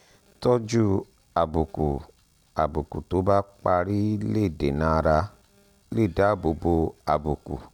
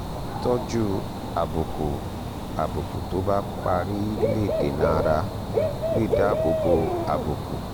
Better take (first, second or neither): first